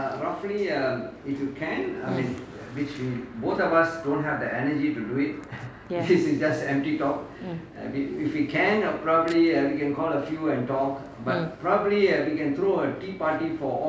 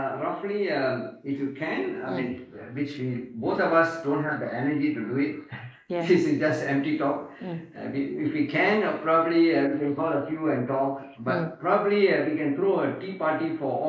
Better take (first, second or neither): first